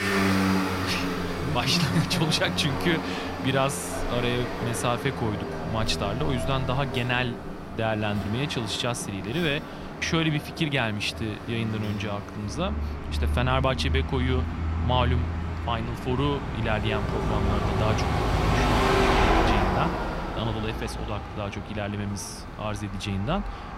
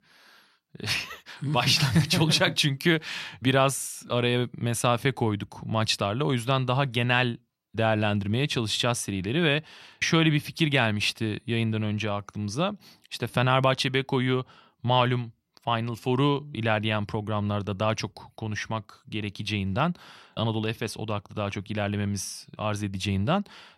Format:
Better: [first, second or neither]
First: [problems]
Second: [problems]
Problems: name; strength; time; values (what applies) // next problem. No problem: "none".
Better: second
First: traffic noise; loud; throughout; 1 dB below the speech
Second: none